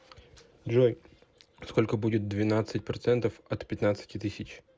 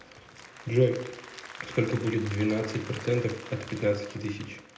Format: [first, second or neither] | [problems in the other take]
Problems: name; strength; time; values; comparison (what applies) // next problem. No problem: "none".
first | background sound (Applause / Crowd); 15 dB below the speech // room echo; dies away in 0.6 s